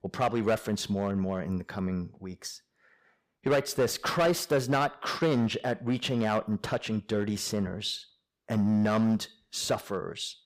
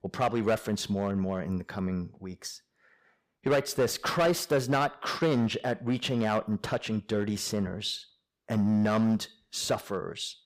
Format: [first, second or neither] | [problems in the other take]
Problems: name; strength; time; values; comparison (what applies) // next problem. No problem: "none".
neither | distortion; slight; 5% of the sound clipped; the same in both